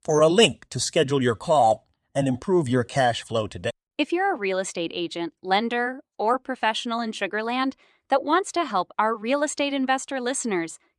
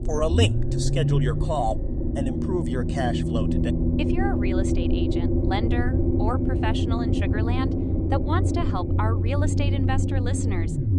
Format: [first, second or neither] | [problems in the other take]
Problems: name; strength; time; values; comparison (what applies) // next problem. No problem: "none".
first | low rumble; loud; throughout; 1 dB below the speech